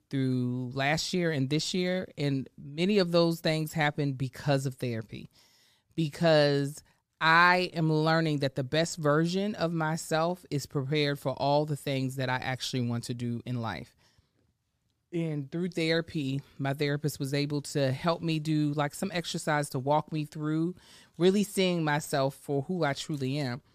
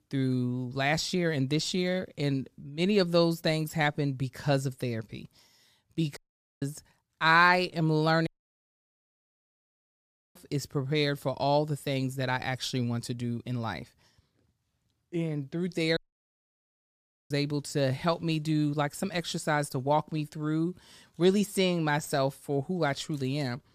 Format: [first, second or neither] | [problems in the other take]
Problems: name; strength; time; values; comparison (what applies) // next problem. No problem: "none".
first | audio cutting out; at 6 s, at 8.5 s for 2 s and at 16 s for 1.5 s